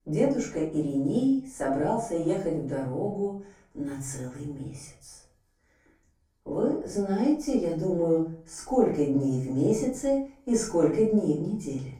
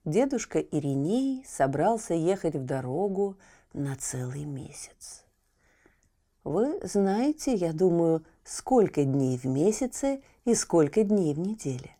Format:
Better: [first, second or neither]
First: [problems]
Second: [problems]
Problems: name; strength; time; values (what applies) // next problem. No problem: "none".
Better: second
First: off-mic speech; far // room echo; noticeable; dies away in 0.4 s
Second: none